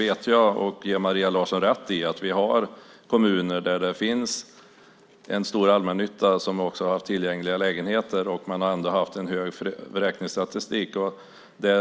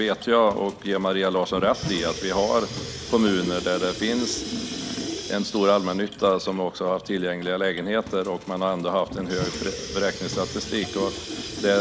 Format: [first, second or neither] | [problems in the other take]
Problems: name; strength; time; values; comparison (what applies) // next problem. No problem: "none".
first | background sound (Sink (filling or washing) / Water tap, faucet); 10 dB below the speech